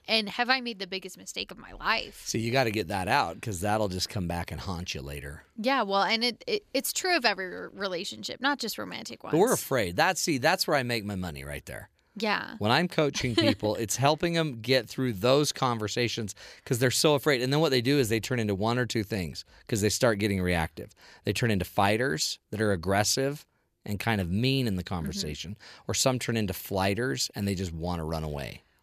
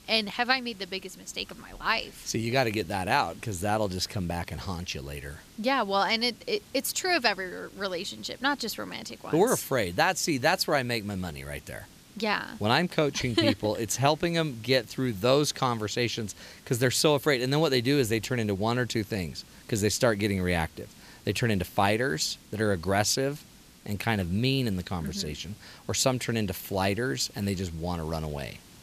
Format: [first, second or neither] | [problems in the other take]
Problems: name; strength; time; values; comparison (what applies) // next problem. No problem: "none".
first | hiss; faint; throughout; 25 dB below the speech